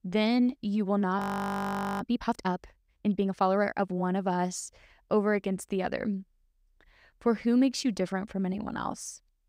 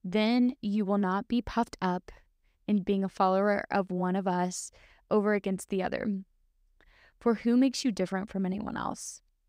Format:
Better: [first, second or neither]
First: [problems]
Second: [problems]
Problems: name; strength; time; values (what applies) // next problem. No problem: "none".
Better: second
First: audio freezing; at 1 s for 1 s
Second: none